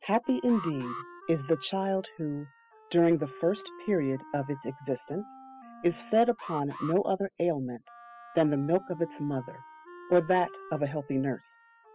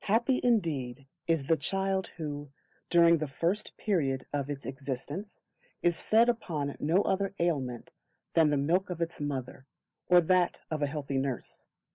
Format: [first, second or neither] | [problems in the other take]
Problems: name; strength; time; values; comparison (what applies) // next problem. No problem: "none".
second | noise reduction (classical method spectral subtraction)